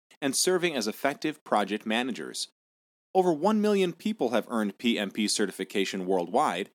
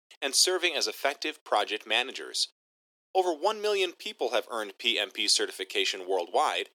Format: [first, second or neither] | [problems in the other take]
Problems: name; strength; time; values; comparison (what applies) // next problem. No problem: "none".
first | thin; very; fading below 350 Hz